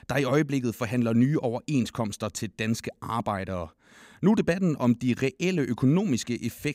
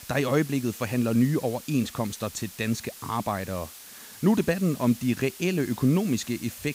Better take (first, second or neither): first